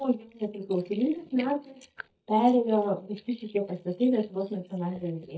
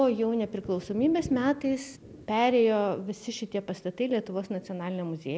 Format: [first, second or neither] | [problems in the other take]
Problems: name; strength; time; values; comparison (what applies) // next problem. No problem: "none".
second | noise reduction (neural mask model DeepFilterNet 3)